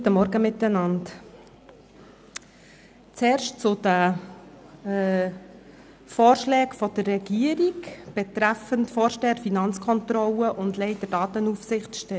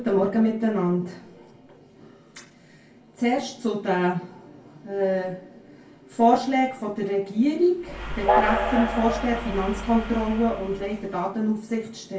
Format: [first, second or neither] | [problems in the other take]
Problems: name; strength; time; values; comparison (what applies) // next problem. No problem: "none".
first | background sound (Train); 3 dB below the speech // room echo; dies away in 0.3 s